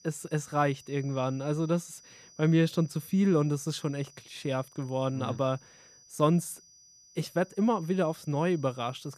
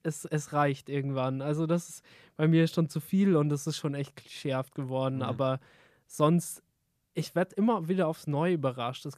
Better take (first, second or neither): second